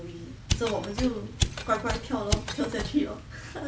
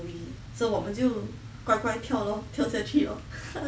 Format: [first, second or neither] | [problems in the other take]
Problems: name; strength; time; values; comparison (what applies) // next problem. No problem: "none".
second | background sound (Mechanisms); 1 dB below the speech